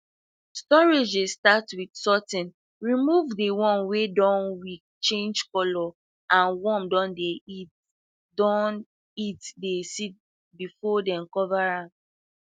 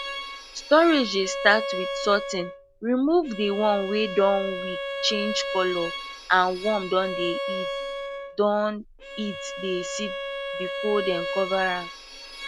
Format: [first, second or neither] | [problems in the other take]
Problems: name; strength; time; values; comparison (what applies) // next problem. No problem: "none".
first | background sound (Bowed string instrument); 7 dB below the speech